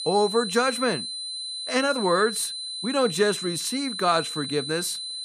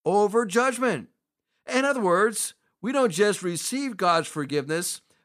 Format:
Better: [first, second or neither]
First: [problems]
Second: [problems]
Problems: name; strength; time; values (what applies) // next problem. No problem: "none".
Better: second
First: high-pitched whine; loud; throughout; 4 kHz, 5 dB below the speech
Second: none